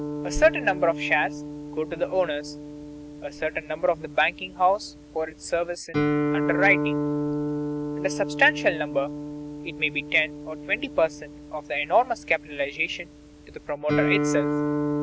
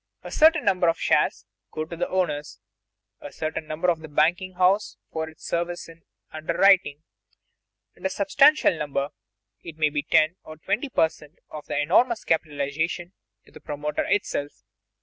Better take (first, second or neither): second